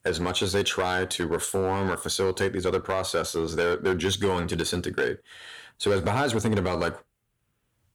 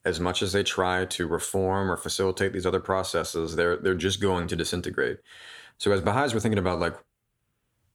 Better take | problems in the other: second | distortion; slight; 5% of the sound clipped

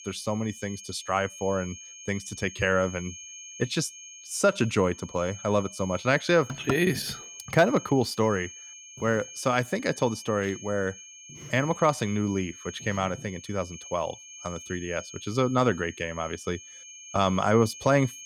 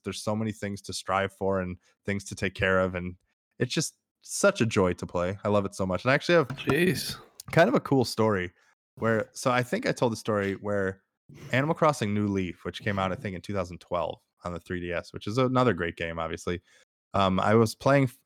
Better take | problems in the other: second | high-pitched whine; noticeable; throughout; 6.5 kHz, 15 dB below the speech

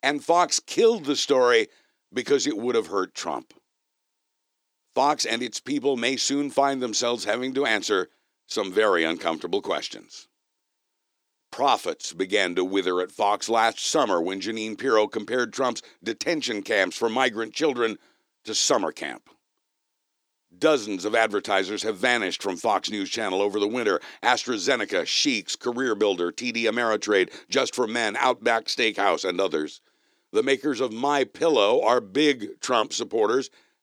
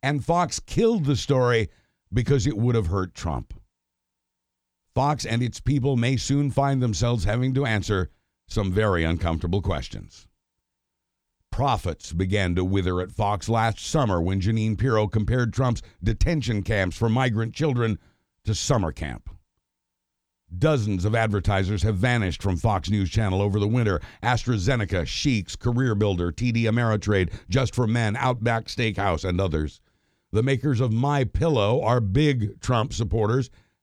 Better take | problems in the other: second | thin; somewhat; fading below 300 Hz

